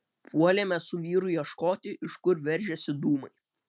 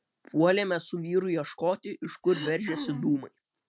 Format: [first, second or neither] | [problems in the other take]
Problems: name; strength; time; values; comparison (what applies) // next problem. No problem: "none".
first | background sound (Cough); 10 dB below the speech